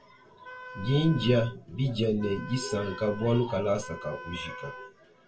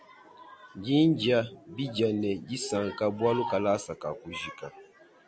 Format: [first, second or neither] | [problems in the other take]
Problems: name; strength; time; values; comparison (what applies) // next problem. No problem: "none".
second | background sound (Wind instrument, woodwind instrument); 15 dB below the speech // room echo; dies away in 0.1 s